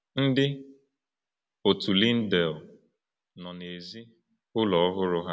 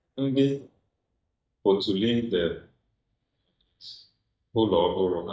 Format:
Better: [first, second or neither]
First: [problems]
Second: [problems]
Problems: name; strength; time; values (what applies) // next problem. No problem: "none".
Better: first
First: none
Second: noise reduction (neural mask model DeepFilterNet 3)